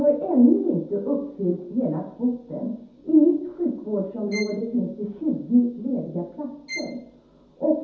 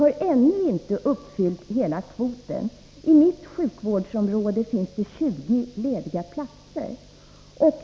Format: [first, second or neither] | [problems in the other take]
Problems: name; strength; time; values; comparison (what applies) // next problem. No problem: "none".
second | background sound (Bowed string instrument); 16 dB below the speech // room echo; dies away in 0.6 s